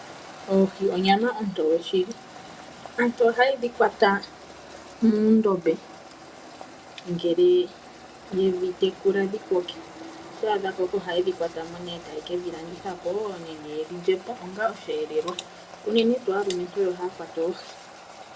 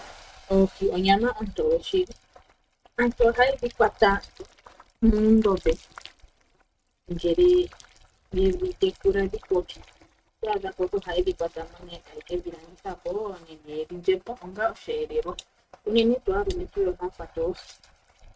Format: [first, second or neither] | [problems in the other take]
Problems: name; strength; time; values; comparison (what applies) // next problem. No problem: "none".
first | noise reduction (neural mask model RNNoise)